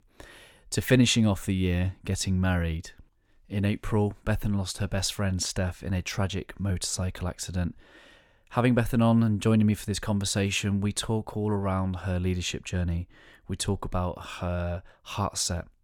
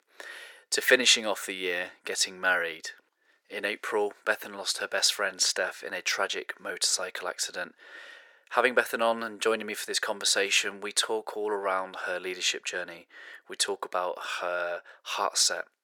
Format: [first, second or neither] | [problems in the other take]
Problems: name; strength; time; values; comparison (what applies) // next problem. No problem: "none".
first | thin; very; fading below 400 Hz